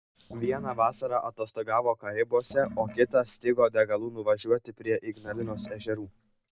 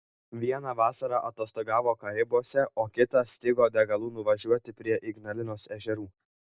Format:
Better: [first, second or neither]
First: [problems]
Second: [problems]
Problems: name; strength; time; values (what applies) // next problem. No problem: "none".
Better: second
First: background sound (Sink (filling or washing) / Water); 16 dB below the speech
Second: none